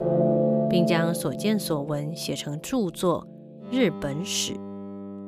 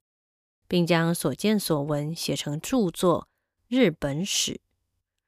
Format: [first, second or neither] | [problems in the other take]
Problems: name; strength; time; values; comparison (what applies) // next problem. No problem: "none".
second | background music; loud; throughout; 1 dB below the speech